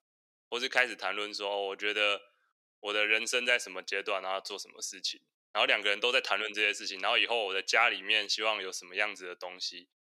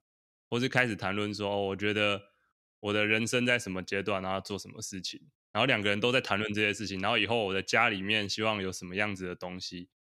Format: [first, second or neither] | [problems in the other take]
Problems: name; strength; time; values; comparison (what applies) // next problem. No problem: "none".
second | thin; very; fading below 450 Hz